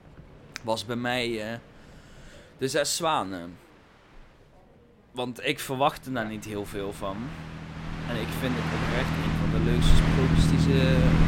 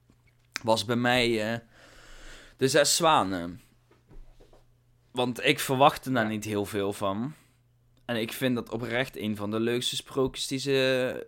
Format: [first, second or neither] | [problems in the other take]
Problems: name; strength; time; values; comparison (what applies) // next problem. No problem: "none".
second | train or aircraft noise; very loud; throughout; 5 dB above the speech